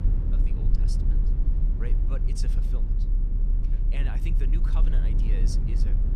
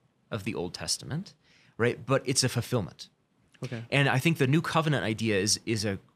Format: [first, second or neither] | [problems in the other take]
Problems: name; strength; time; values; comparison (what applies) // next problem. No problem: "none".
second | low rumble; loud; throughout; 1 dB below the speech